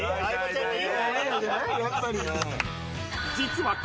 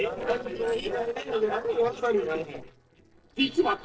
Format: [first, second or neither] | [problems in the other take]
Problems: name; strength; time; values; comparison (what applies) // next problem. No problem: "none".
first | noise reduction (neural separator model SepFormer DNS4)